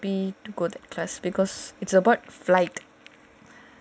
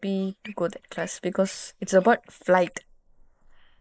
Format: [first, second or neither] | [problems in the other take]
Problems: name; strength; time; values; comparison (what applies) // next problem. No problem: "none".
first | noise reduction (neural mask model Resemble Enhance denoiser)